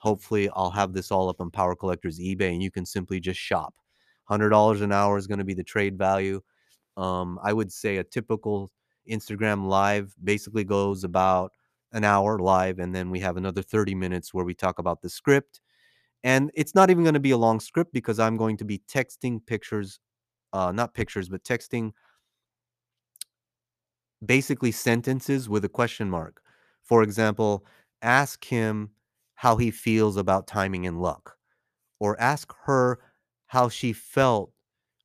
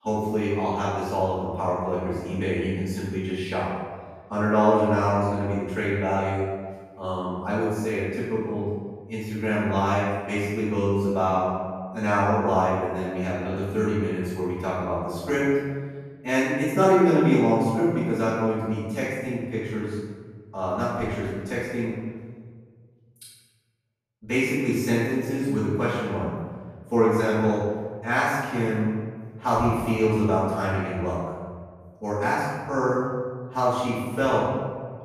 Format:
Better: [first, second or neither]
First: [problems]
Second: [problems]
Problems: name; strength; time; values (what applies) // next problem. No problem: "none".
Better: first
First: none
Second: off-mic speech; far // room echo; strong; dies away in 1.5 s